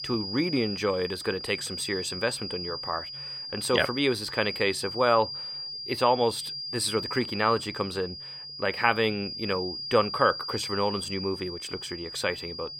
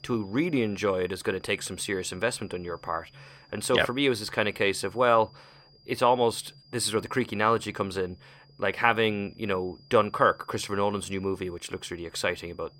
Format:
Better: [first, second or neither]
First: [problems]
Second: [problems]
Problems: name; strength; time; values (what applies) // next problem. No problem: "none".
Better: second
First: high-pitched whine; loud; throughout; 5 kHz, 6 dB below the speech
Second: high-pitched whine; faint; throughout; 5 kHz, 30 dB below the speech